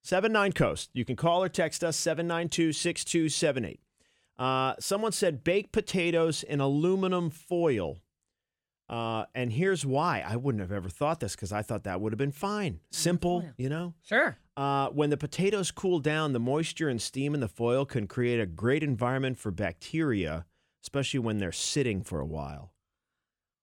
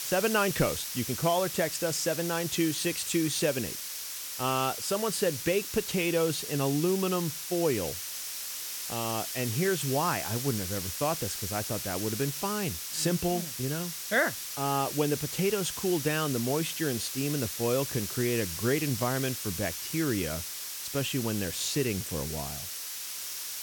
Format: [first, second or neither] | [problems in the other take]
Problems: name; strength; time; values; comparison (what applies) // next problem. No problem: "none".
first | hiss; loud; throughout; 4 dB below the speech